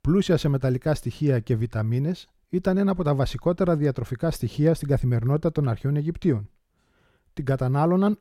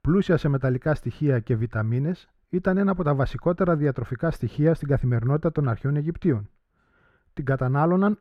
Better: first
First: none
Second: muffled; slightly; fading above 3.5 kHz

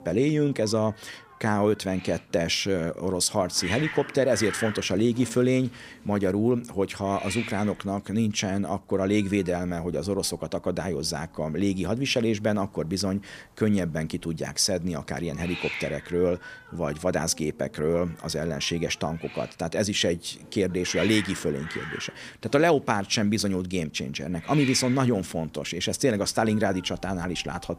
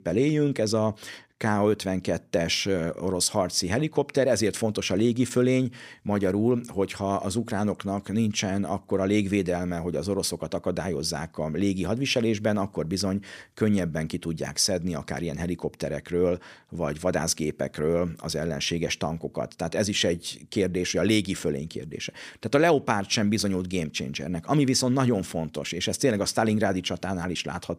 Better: second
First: hiss; noticeable; throughout; 10 dB below the speech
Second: none

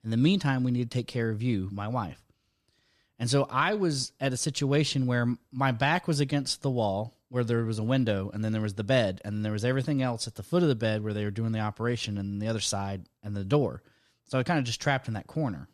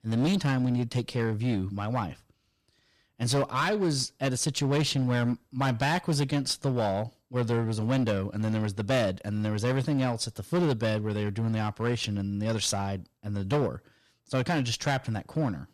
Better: first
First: none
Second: distortion; slight; 9% of the sound clipped

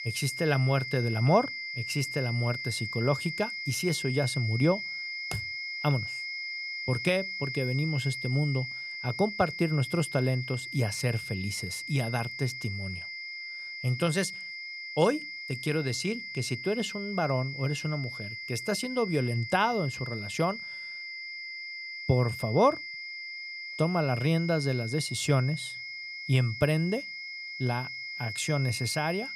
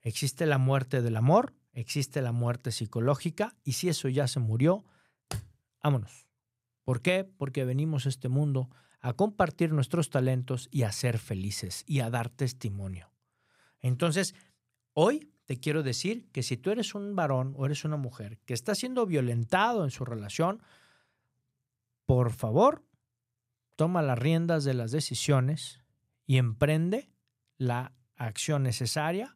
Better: second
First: high-pitched whine; loud; throughout; 2 kHz, 6 dB below the speech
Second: none

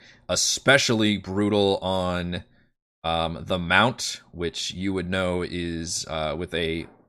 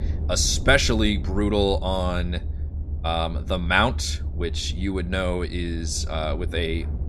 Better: first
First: none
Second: low rumble; faint; throughout; 20 dB below the speech

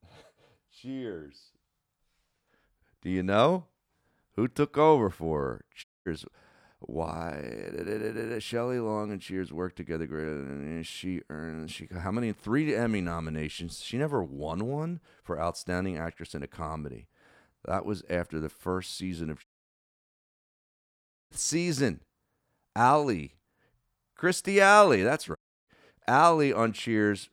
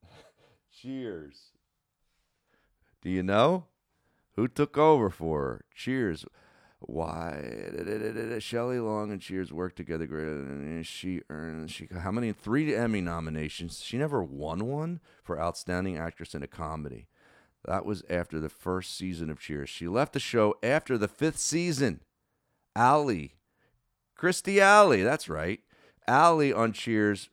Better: second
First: audio cutting out; at 6 s, at 19 s for 2 s and at 25 s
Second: none

